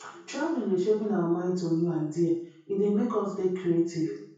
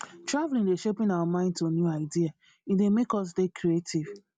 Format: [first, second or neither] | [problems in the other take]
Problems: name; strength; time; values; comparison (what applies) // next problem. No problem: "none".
second | room echo; dies away in 0.6 s